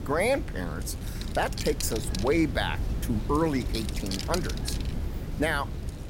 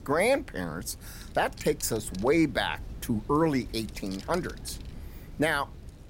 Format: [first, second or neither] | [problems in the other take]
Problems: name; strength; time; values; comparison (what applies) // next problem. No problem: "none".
second | wind noise on the microphone; heavy; 10 dB below the speech; occasional gusts in the second